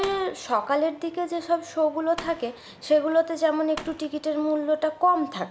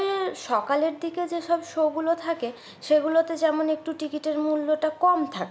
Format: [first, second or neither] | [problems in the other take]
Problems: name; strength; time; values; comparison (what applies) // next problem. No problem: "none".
second | background sound (Fireworks); 19 dB below the speech